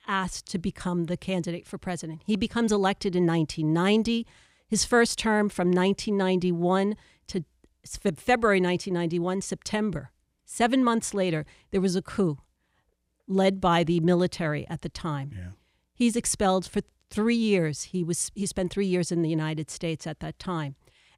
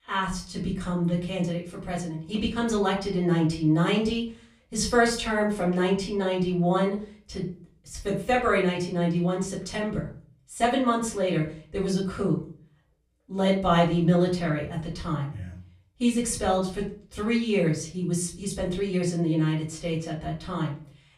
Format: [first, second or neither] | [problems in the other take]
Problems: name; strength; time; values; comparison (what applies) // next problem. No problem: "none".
first | room echo; slight; dies away in 0.4 s // off-mic speech; far